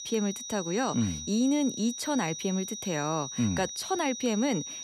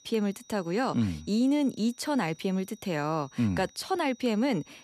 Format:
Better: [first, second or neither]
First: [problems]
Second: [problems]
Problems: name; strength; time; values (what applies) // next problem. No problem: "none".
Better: second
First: high-pitched whine; loud; throughout; 6 kHz, 7 dB below the speech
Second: high-pitched whine; faint; throughout; 6 kHz, 25 dB below the speech